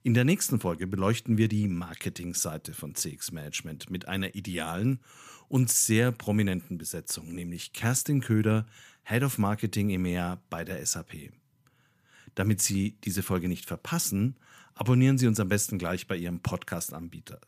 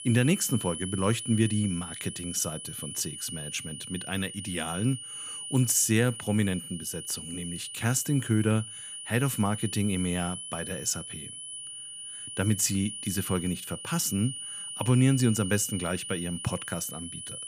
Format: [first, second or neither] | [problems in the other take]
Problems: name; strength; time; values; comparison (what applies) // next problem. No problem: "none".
first | high-pitched whine; loud; throughout; 9.5 kHz, 8 dB below the speech